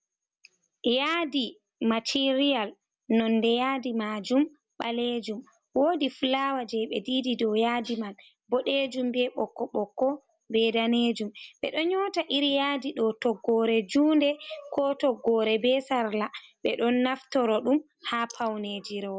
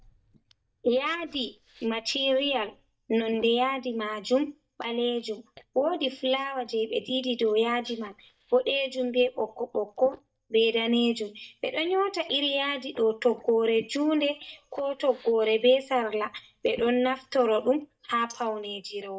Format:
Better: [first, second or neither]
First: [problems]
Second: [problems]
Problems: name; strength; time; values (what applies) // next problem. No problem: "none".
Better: first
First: none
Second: noise reduction (neural mask model DeepFilterNet 3)